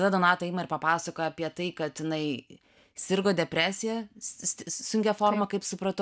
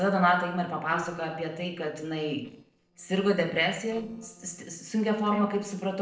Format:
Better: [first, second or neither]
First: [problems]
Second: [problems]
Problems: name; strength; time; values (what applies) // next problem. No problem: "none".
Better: first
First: none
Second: noise reduction (neural separator model SepFormer DNS4)